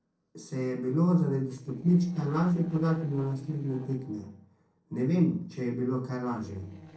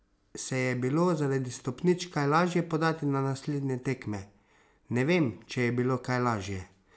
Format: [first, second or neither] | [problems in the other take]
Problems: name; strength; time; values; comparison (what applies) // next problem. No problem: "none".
second | noise reduction (neural separator model SepFormer DNS4)